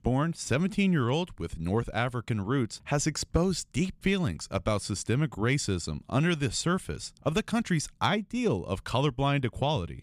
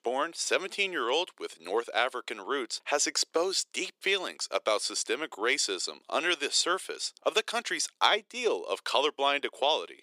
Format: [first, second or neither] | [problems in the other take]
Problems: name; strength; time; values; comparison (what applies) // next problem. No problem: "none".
first | thin; very; fading below 400 Hz